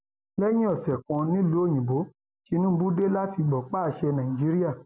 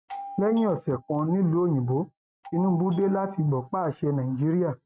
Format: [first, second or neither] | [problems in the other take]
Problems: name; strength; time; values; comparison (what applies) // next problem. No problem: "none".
first | noise reduction (neural mask model RNNoise)